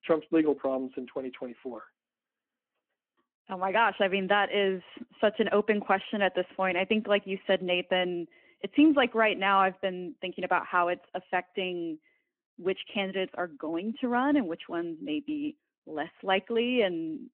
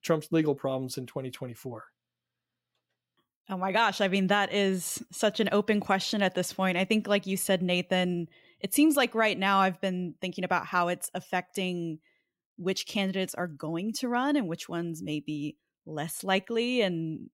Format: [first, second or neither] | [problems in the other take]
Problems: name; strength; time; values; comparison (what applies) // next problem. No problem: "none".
second | phone-call audio